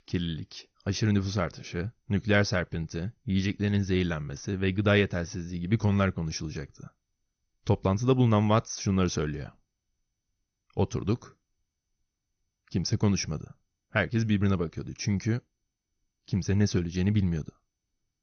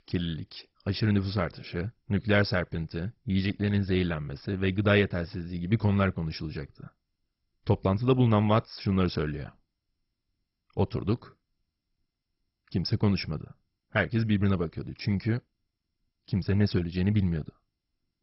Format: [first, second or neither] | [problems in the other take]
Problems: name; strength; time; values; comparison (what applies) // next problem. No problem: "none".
first | garbled, watery; badly; nothing above 5.5 kHz; slightly in the first